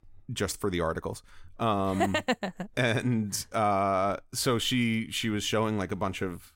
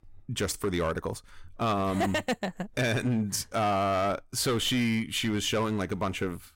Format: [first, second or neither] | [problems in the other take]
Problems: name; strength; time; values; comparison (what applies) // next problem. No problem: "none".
first | distortion; slight; 9% of the sound clipped